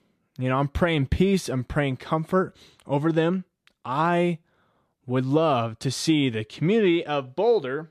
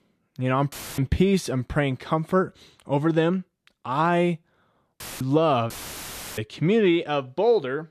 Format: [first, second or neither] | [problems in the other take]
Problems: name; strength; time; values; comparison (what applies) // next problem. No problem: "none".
first | audio cutting out; filled with static; at 0.5 s, at 5 s and at 5.5 s for 0.5 s